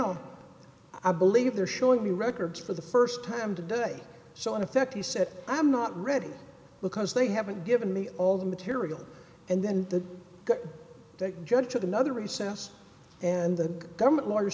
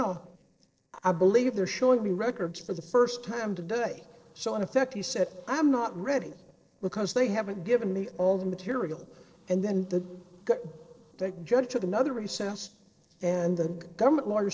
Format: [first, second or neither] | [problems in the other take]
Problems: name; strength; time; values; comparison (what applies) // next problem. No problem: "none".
first | noise reduction (neural separator model SepFormer DNS4)